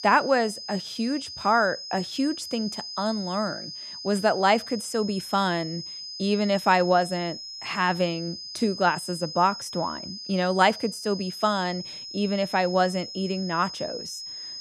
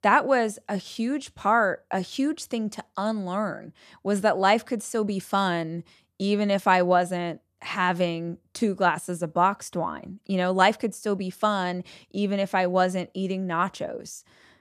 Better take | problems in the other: second | high-pitched whine; loud; throughout; 5 kHz, 9 dB below the speech

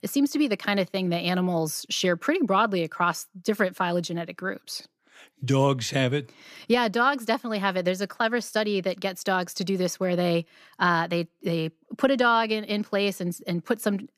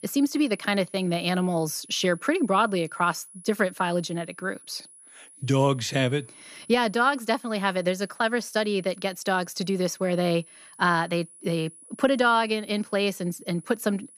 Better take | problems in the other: first | high-pitched whine; faint; throughout; 10.5 kHz, 20 dB below the speech

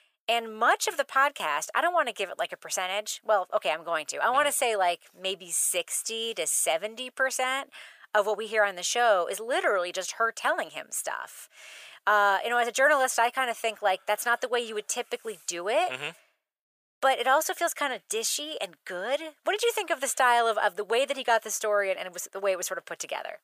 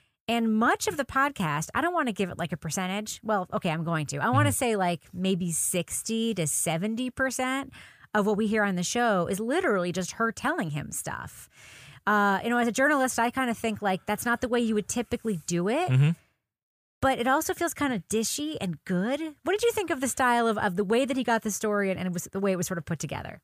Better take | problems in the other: second | thin; very; fading below 500 Hz

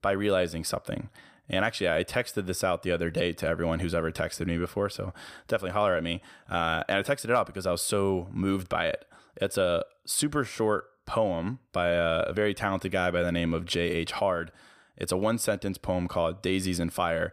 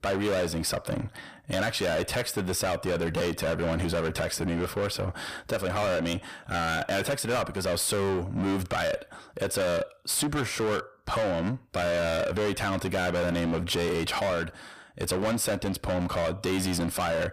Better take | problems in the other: first | distortion; heavy; 5 dB below the speech

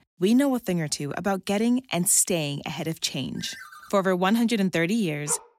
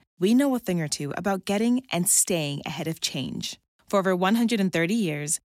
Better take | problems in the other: second | phone ringing; faint; at 3.5 s; peak 15 dB below the speech // dog barking; very faint; at 5.5 s; peak 15 dB below the speech

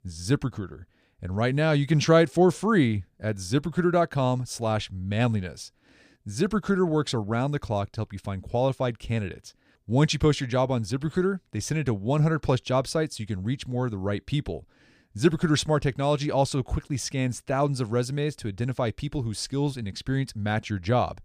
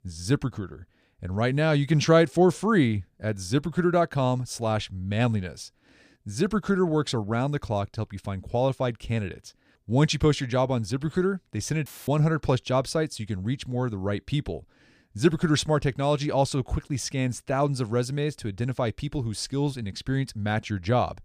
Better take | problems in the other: first | audio cutting out; filled with static; at 12 s

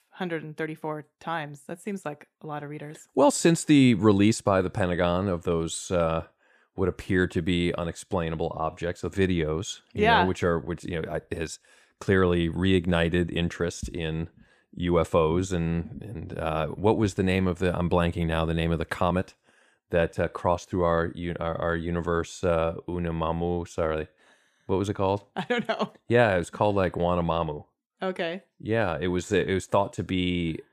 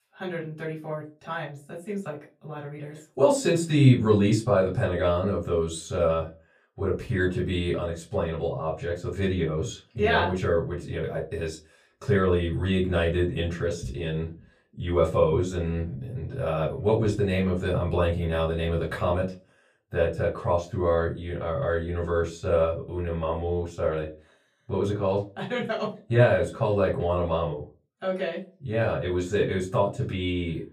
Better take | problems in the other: first | off-mic speech; far // room echo; very slight; dies away in 0.2 s

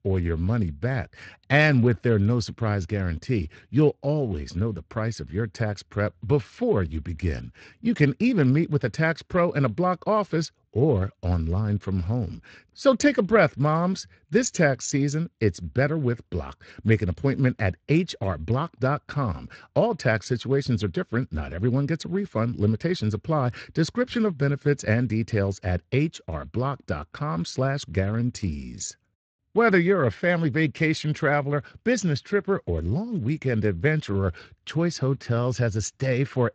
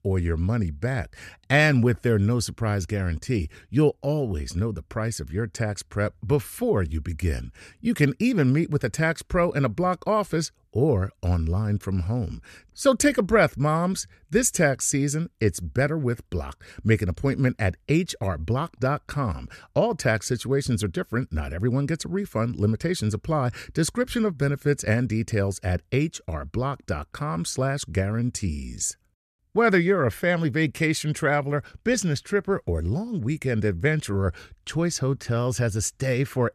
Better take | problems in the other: second | garbled, watery; slightly; nothing above 7.5 kHz

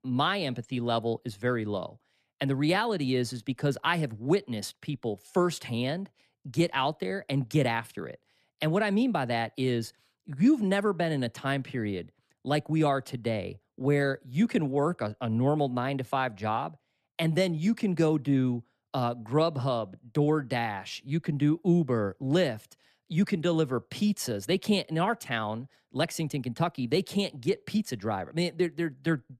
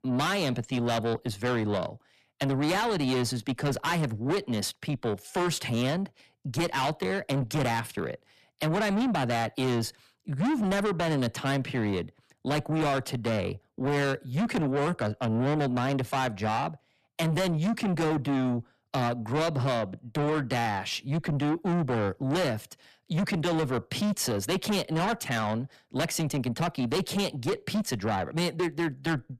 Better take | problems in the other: first | distortion; heavy; 6 dB below the speech

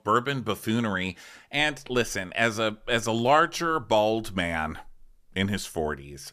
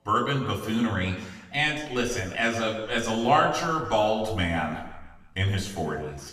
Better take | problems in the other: first | room echo; slight; dies away in 1 s // off-mic speech; far

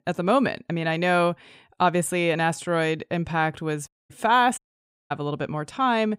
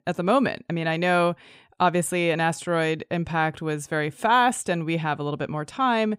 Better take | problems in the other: second | audio cutting out; at 4 s and at 4.5 s for 0.5 s

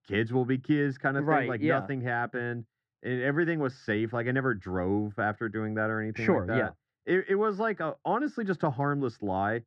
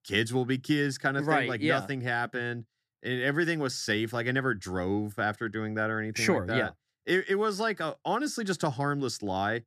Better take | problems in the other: second | muffled; very; fading above 1.5 kHz

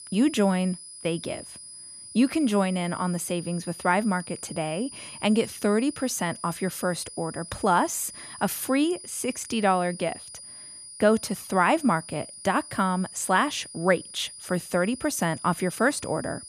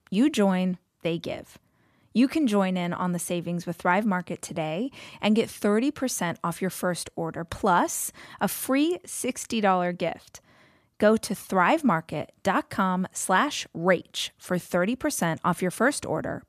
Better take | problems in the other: second | high-pitched whine; noticeable; throughout; 9.5 kHz, 15 dB below the speech

